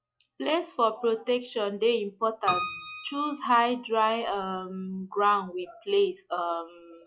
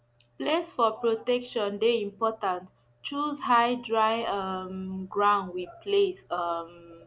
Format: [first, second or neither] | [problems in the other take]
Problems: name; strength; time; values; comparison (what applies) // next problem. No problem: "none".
second | noise reduction (classical method log-MMSE)